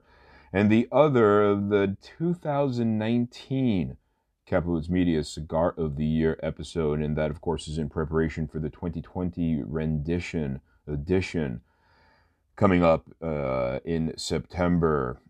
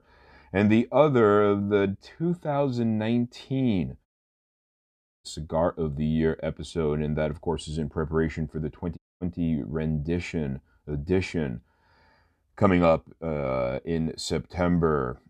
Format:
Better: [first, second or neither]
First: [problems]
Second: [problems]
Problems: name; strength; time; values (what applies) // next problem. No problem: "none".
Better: first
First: none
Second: audio cutting out; at 4 s for 1 s and at 9 s